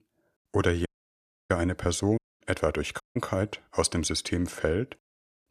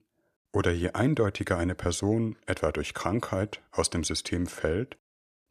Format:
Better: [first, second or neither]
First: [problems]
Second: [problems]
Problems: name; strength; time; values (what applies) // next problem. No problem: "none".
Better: second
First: audio cutting out; at 1 s for 0.5 s, at 2 s and at 3 s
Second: none